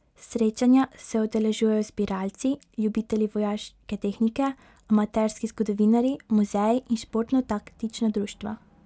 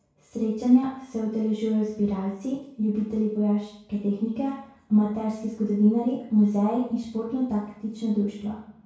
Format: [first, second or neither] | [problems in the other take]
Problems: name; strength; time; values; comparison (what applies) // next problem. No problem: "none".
first | room echo; dies away in 0.6 s